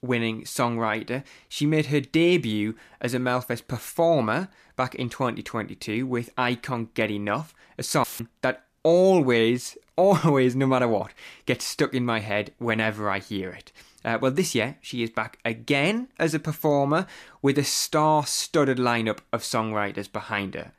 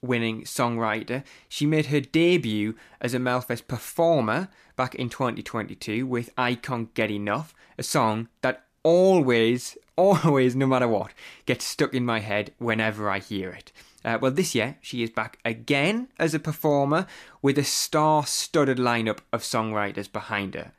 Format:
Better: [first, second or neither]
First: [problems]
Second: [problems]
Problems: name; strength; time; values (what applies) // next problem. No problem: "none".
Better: second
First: audio cutting out; filled with static; at 8 s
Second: none